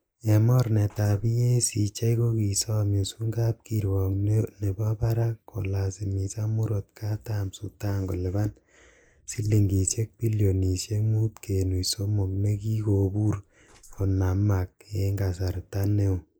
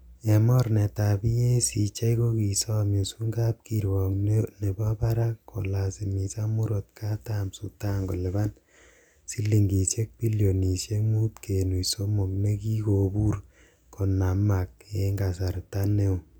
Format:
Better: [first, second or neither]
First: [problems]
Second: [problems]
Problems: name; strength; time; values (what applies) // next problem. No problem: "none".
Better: second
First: noise reduction (neural mask model Resemble Enhance denoiser)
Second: none